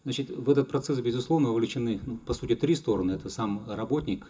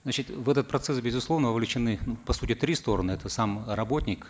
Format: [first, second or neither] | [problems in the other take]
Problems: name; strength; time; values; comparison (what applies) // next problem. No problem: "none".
second | room echo; dies away in 0.2 s